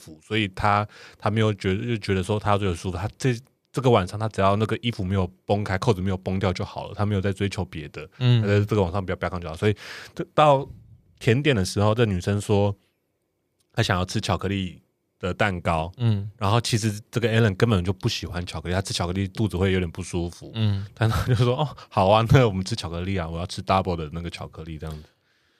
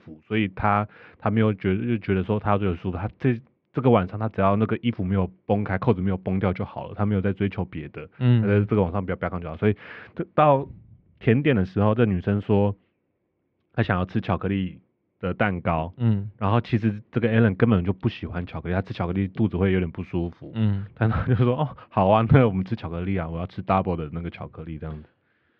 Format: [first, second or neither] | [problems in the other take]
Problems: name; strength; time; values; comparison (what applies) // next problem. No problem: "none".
first | muffled; very; fading above 2.5 kHz